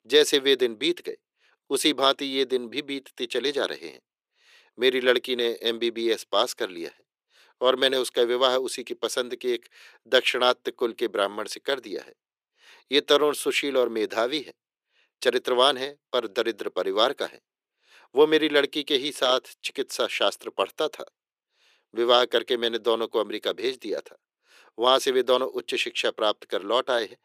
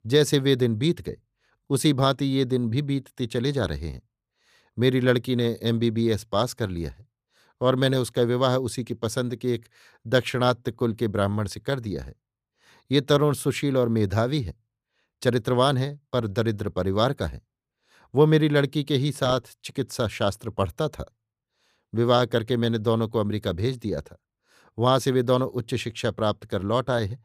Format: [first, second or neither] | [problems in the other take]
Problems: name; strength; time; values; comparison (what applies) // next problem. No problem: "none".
second | thin; somewhat; fading below 350 Hz